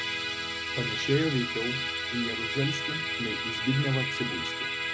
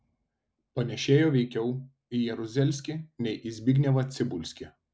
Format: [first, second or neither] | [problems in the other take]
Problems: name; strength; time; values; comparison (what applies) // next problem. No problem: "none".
second | background sound (Musical instrument); as loud as the speech